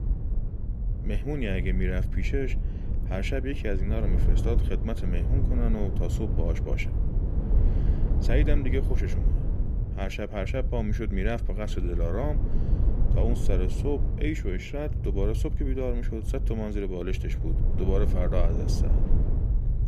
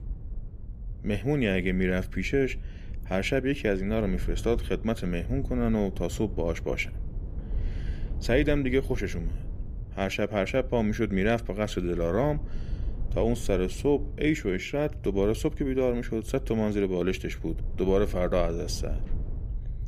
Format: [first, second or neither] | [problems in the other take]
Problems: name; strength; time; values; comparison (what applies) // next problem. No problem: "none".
second | low rumble; loud; throughout; 8 dB below the speech; faint in the second